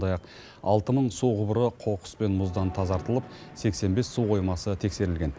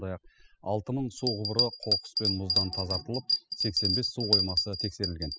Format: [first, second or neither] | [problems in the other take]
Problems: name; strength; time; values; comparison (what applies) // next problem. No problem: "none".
first | noise reduction (classical method spectral subtraction)